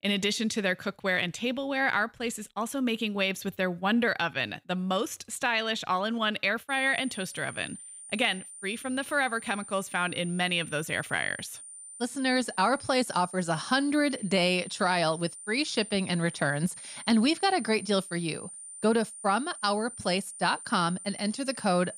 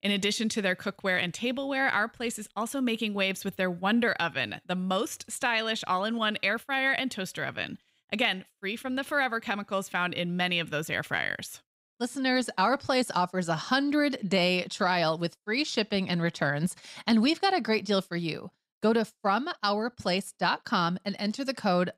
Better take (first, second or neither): second